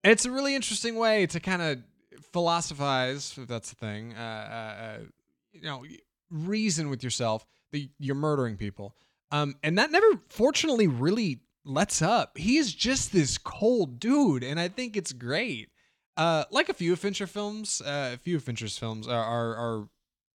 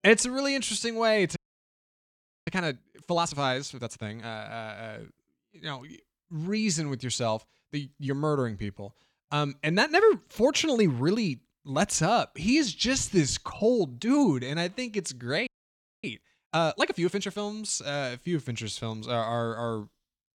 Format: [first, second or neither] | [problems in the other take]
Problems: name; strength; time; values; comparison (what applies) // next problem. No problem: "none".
first | audio freezing; at 1.5 s for 1 s and at 15 s for 0.5 s